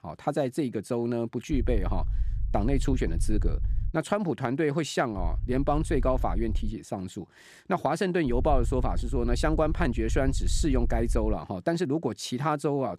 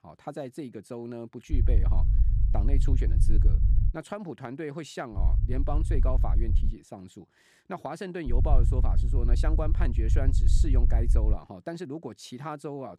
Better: first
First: low rumble; faint; from 1.5 to 4 s, from 5 to 6.5 s and from 8.5 to 11 s; 25 dB below the speech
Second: low rumble; loud; from 1.5 to 4 s, from 5 to 6.5 s and from 8.5 to 11 s; 8 dB below the speech

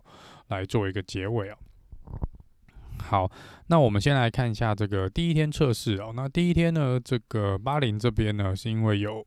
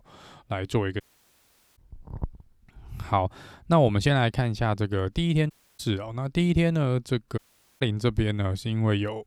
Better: first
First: none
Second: audio cutting out; at 1 s for 1 s, at 5.5 s and at 7.5 s

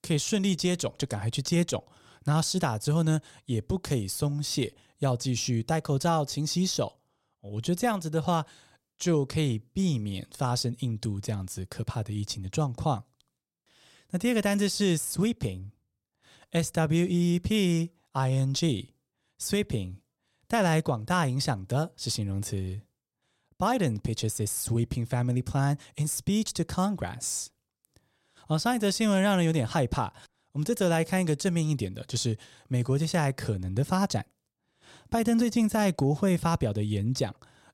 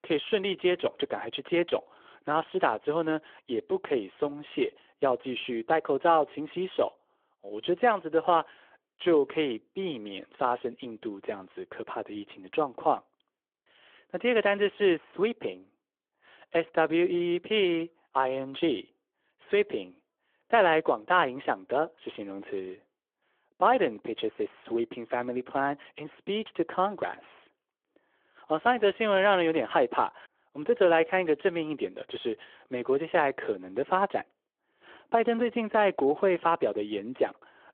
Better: first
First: none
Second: phone-call audio

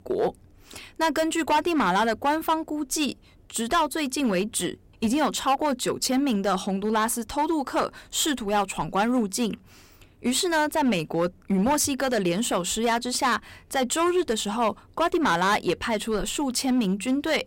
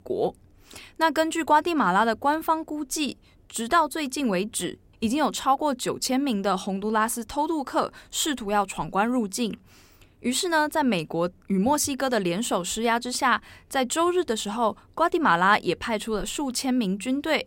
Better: second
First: distortion; slight; 7% of the sound clipped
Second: none

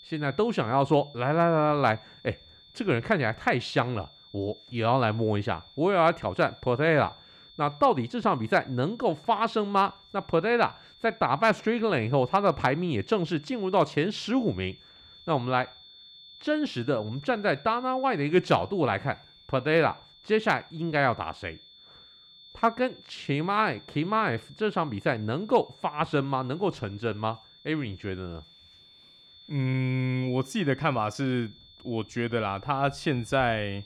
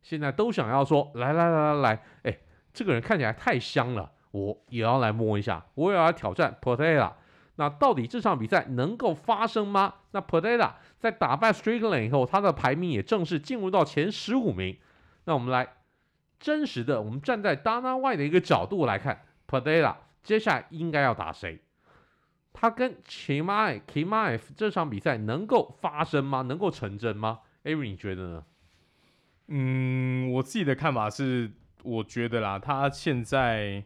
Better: second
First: high-pitched whine; faint; throughout; 3.5 kHz, 25 dB below the speech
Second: none

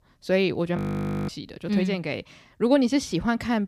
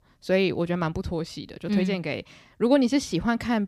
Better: second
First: audio freezing; at 1 s for 0.5 s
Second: none

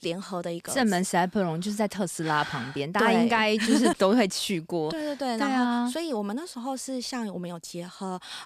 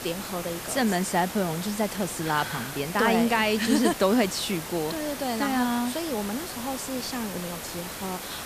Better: first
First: none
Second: hiss; loud; throughout; 8 dB below the speech

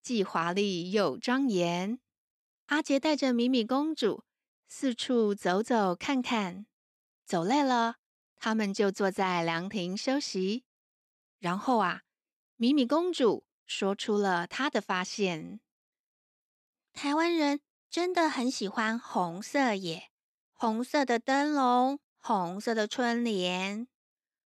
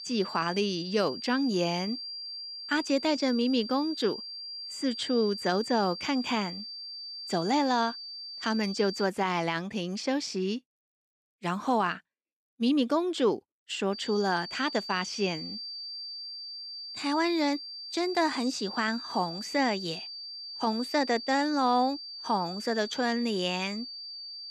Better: first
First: none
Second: high-pitched whine; loud; until 9 s and from 14 s on; 4.5 kHz, 9 dB below the speech

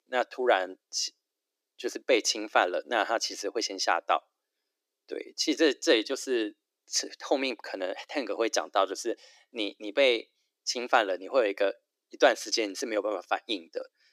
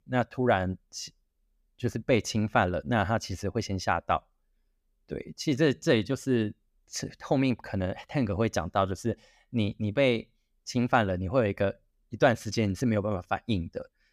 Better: second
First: thin; somewhat; fading below 300 Hz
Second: none

